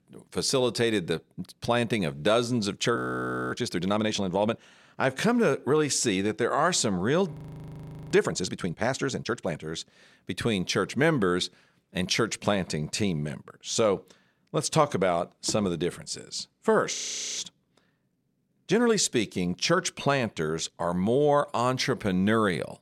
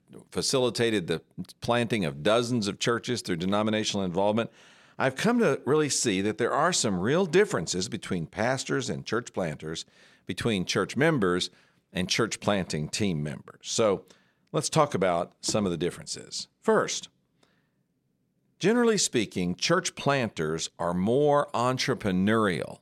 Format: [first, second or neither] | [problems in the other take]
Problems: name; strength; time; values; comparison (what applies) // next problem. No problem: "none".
second | audio freezing; at 3 s for 0.5 s, at 7.5 s for 1 s and at 17 s